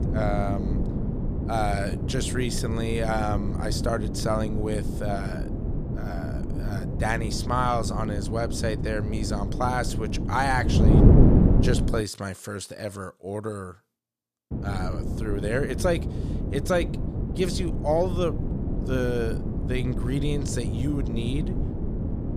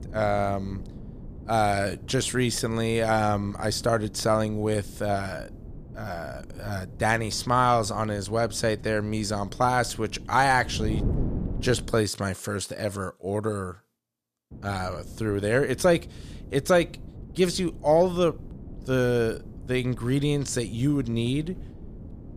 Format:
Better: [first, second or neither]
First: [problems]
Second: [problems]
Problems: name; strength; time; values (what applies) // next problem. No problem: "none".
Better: second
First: wind noise on the microphone; heavy; until 12 s and from 15 s on; 6 dB below the speech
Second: wind noise on the microphone; occasional gusts; until 12 s and from 15 s on; 20 dB below the speech